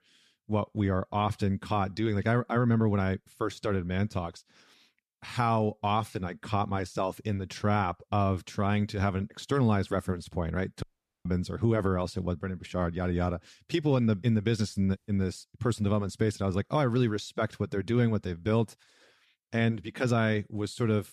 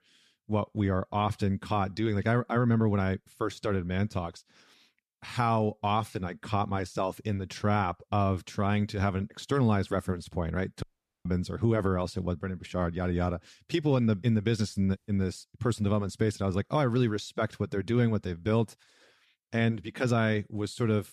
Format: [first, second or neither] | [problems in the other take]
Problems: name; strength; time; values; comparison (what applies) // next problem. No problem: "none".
neither | audio cutting out; at 11 s; the same in both